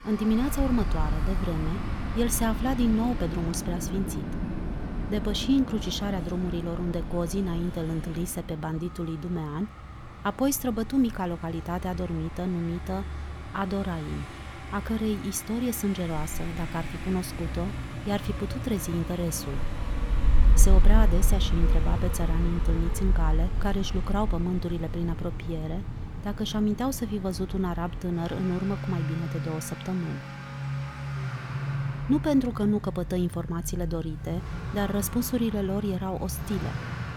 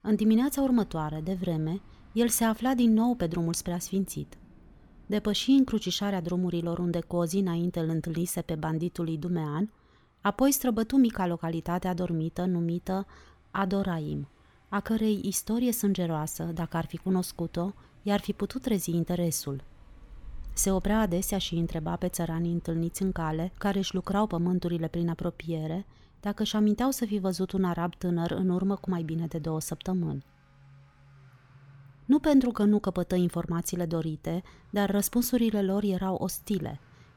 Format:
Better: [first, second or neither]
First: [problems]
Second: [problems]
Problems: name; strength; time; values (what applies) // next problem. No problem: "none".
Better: second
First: traffic noise; loud; throughout; 3 dB below the speech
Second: traffic noise; faint; throughout; 25 dB below the speech